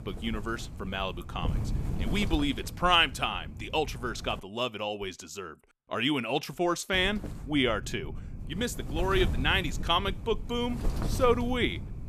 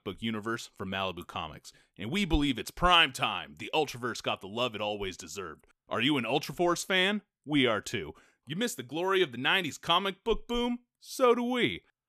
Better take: second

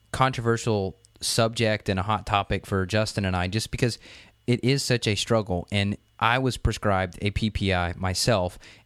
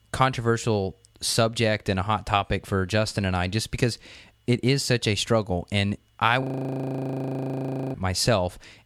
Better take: first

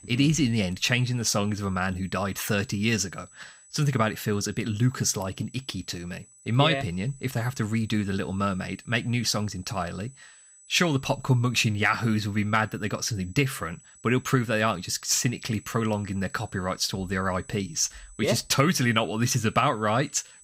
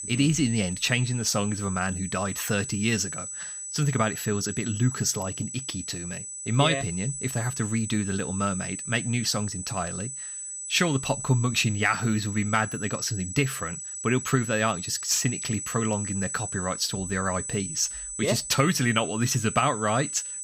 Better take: first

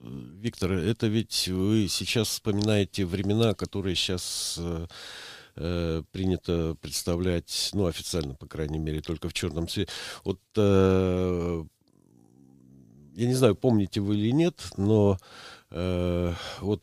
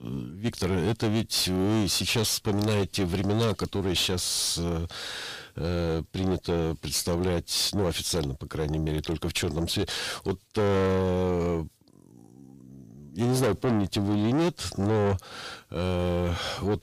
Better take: first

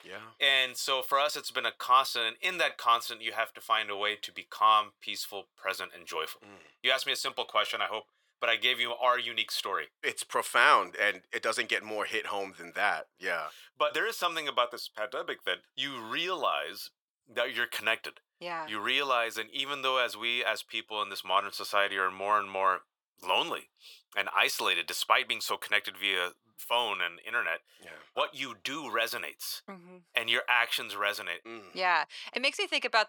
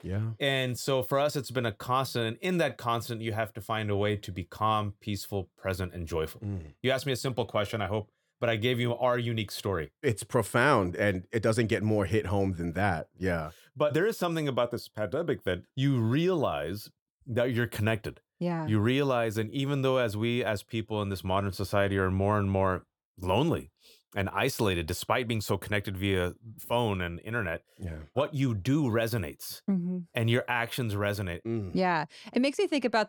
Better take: second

